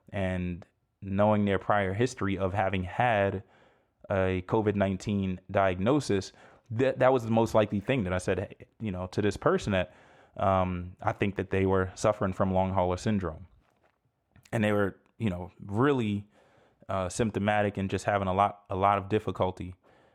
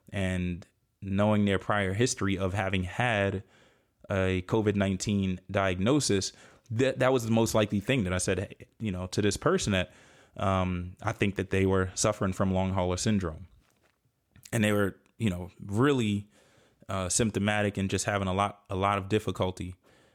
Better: second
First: muffled; slightly; fading above 3.5 kHz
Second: none

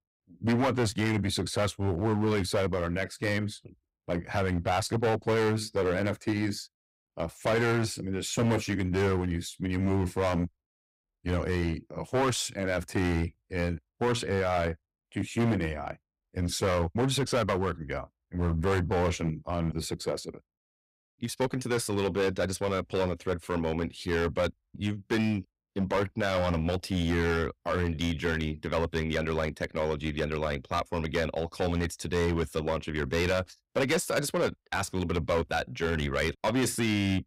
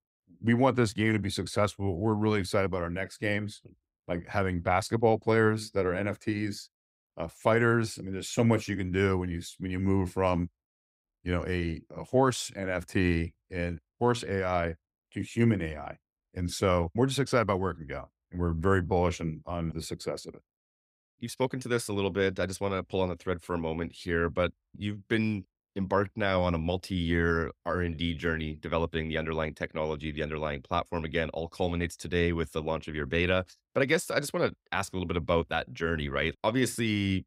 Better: second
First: distortion; heavy; 9% of the sound clipped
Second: none

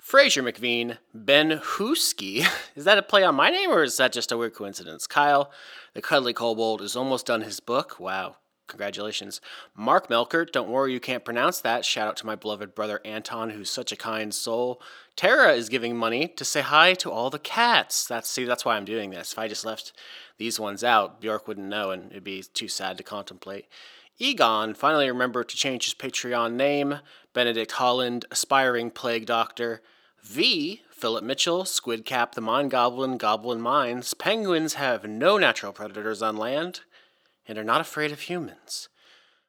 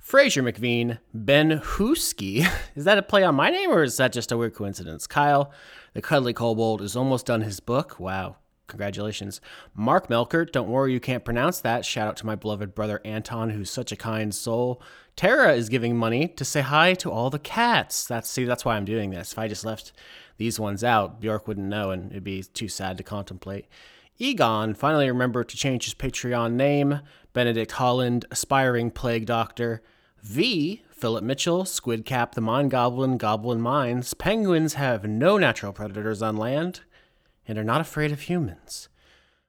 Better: second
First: thin; somewhat; fading below 300 Hz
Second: none

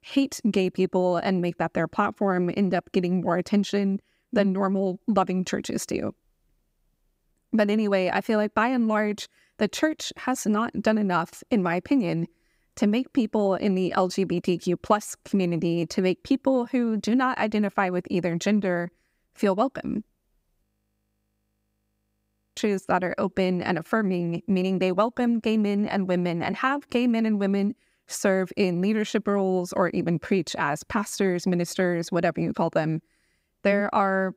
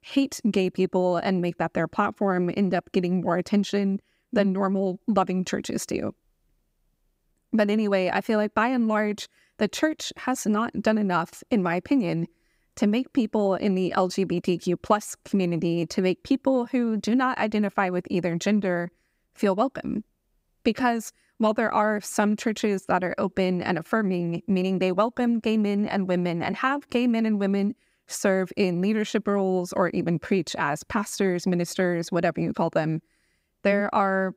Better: second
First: audio freezing; at 21 s for 2 s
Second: none

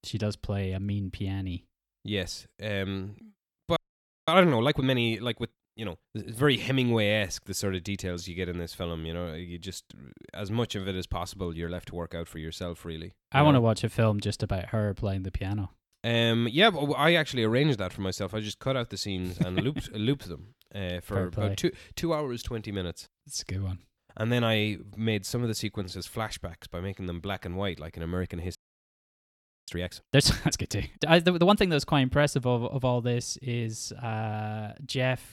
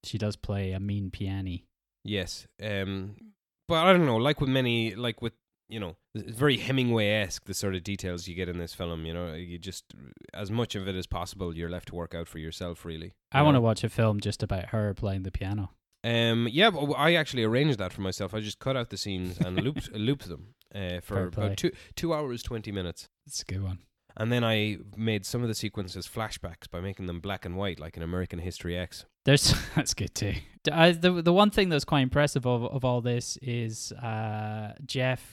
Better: second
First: audio freezing; at 4 s for 0.5 s and at 29 s for 1 s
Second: none

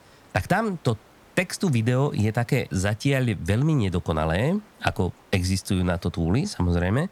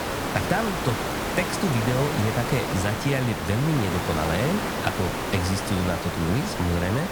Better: first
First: hiss; faint; throughout; 30 dB below the speech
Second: hiss; loud; throughout; 2 dB below the speech

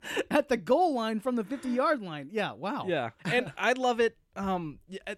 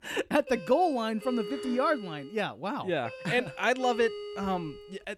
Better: first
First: none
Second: doorbell; noticeable; peak 8 dB below the speech

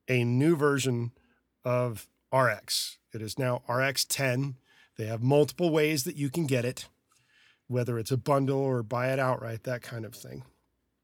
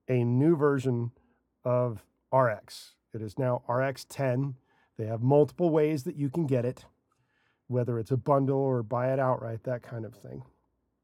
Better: first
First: none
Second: muffled; very; fading above 1.5 kHz

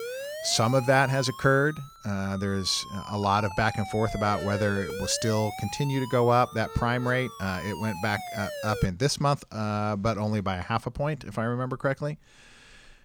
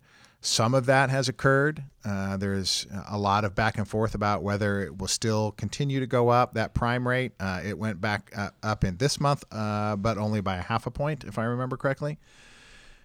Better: second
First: siren; noticeable; until 9 s; peak 7 dB below the speech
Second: none

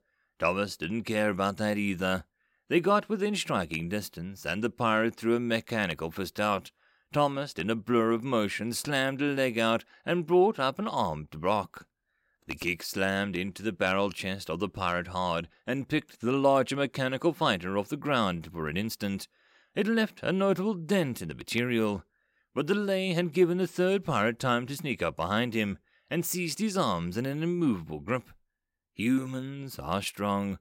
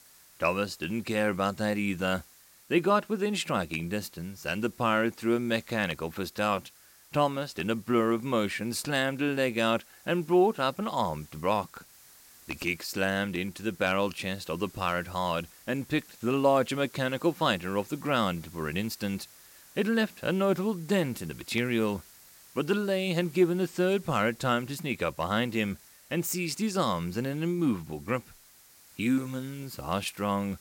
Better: first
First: none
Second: hiss; faint; throughout; 25 dB below the speech

